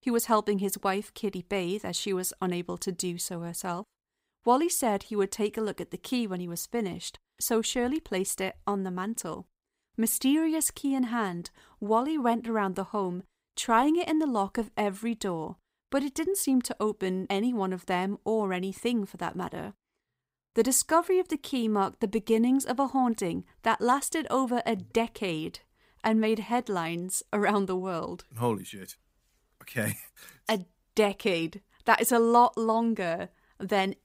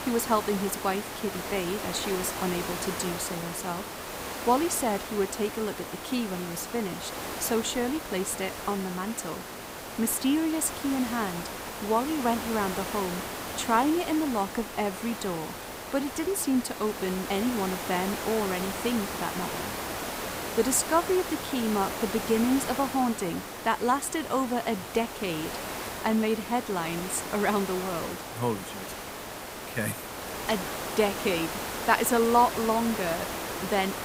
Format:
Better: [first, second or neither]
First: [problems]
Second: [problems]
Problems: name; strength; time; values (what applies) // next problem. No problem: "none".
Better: first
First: none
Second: hiss; loud; throughout; 6 dB below the speech